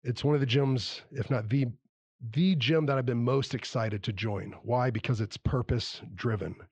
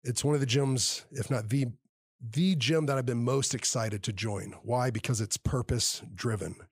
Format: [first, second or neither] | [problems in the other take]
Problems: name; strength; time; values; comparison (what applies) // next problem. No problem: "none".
second | muffled; slightly; fading above 4 kHz